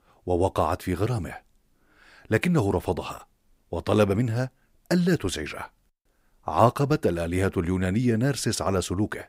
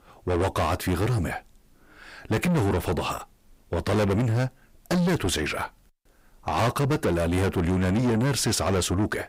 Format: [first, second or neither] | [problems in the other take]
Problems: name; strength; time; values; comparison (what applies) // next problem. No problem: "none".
first | distortion; heavy; 6 dB below the speech